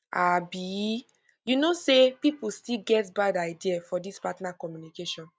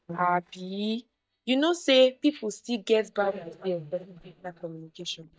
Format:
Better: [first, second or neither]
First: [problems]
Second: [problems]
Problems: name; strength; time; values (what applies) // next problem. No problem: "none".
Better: first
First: none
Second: noise reduction (neural mask model DeepFilterNet 3)